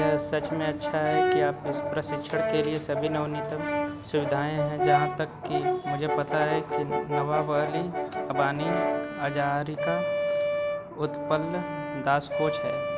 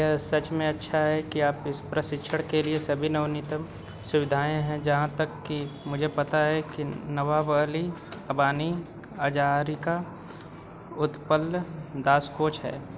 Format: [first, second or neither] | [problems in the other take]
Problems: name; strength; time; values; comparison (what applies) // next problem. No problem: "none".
second | background sound (Brass instrument); 1 dB above the speech